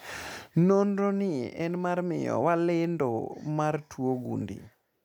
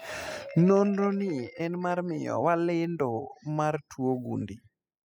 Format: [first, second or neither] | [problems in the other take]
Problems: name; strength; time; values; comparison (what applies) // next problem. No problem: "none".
first | noise reduction (classical method spectral subtraction)